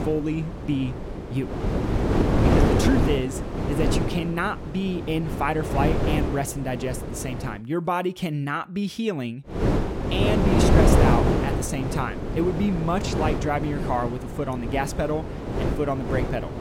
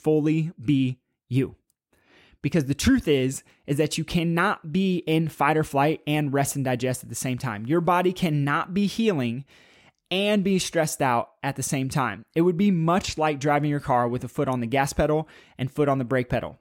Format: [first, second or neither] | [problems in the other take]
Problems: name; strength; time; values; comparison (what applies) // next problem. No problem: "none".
second | wind noise on the microphone; heavy; until 7.5 s and from 9.5 s on; as loud as the speech